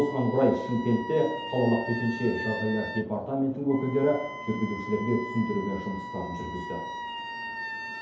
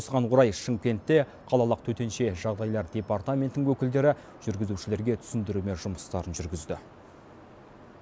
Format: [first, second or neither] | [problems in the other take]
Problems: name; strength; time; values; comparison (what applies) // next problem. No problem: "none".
second | background sound (Wind instrument, woodwind instrument); 9 dB below the speech // room echo; dies away in 2.2 s